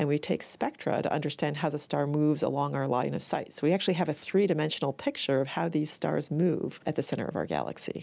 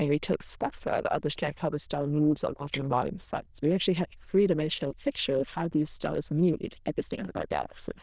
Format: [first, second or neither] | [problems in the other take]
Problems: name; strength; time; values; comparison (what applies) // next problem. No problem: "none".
first | noise reduction (neural diffusion model UNIVERSE++)